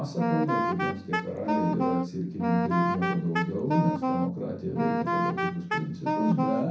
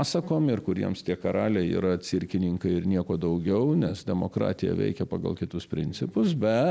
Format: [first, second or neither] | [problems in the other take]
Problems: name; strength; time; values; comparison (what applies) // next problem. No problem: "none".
second | background sound (Wind instrument, woodwind instrument); as loud as the speech // room echo; dies away in 0.6 s